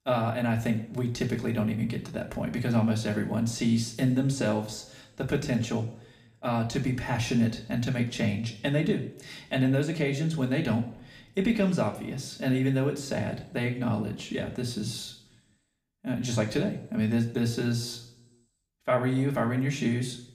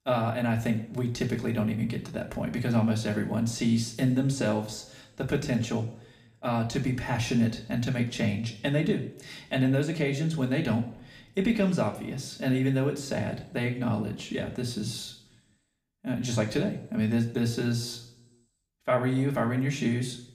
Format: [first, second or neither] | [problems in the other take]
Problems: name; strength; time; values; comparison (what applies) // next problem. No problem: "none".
neither | room echo; very slight; dies away in 0.6 s; the same in both // off-mic speech; somewhat distant; the same in both